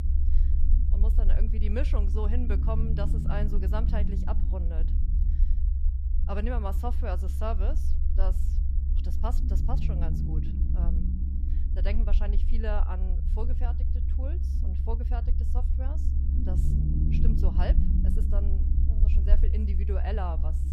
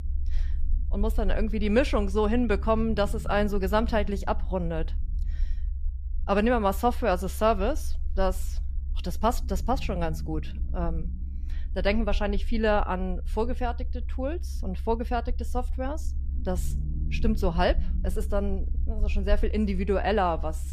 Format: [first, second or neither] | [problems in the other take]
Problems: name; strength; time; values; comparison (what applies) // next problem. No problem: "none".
second | low rumble; loud; throughout; 6 dB below the speech; faint in the second